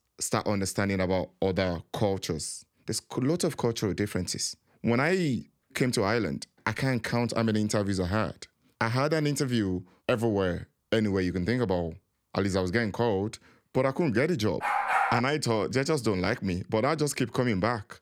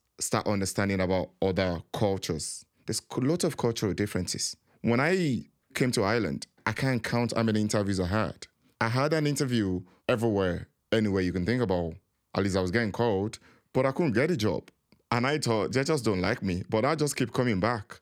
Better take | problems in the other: second | dog barking; loud; at 15 s; peak 3 dB above the speech

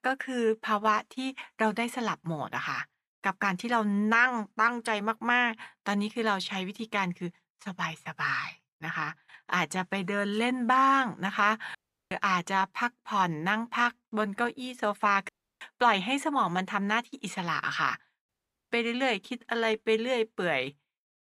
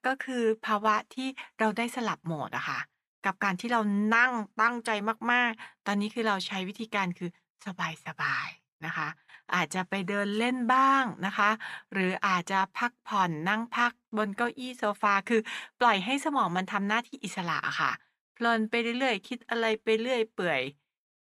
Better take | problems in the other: second | audio cutting out; at 12 s, at 15 s and at 18 s

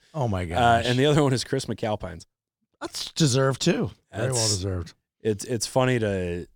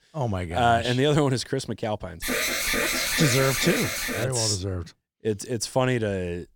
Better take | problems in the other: first | alarm; loud; from 2 to 4.5 s; peak 2 dB above the speech

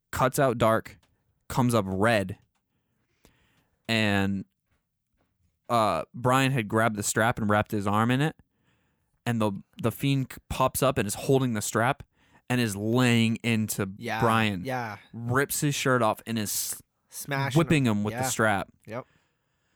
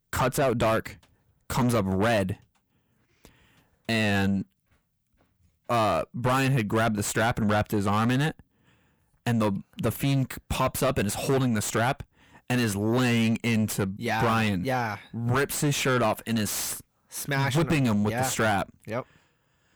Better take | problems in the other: first | distortion; heavy; 6 dB below the speech

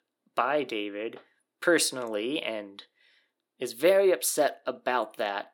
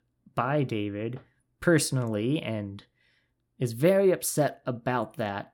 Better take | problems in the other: second | thin; somewhat; fading below 350 Hz

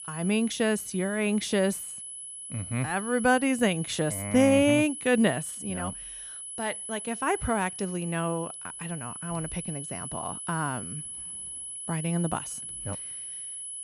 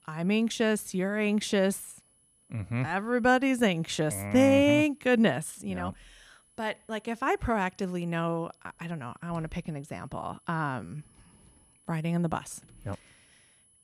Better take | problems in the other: second | high-pitched whine; loud; throughout; 10 kHz, 8 dB below the speech; faint in the second

